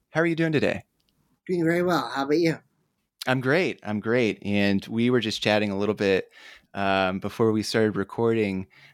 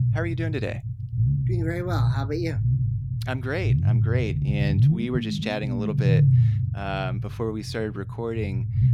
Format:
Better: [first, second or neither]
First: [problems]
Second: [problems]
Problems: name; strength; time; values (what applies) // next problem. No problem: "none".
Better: first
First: none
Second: low rumble; loud; throughout; 4 dB below the speech